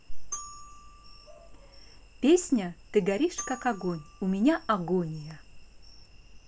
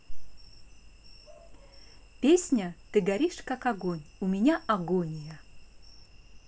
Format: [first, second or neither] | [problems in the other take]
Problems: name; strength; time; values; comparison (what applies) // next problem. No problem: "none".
second | background sound (Glockenspiel); 19 dB below the speech